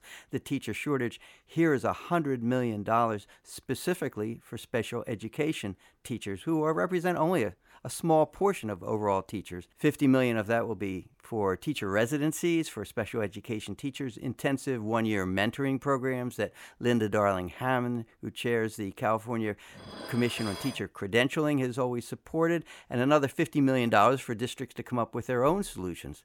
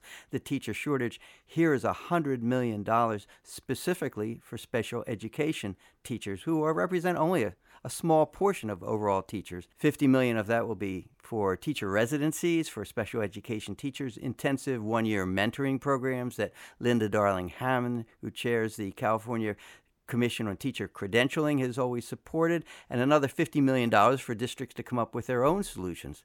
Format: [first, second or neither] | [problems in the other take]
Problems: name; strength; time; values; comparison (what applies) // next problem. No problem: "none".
second | clattering dishes; noticeable; from 20 to 21 s; peak 9 dB below the speech